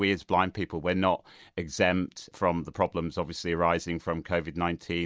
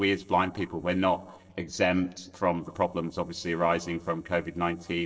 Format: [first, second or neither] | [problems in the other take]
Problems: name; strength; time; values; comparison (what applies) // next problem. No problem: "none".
first | noise reduction (neural separator model SepFormer DNS4)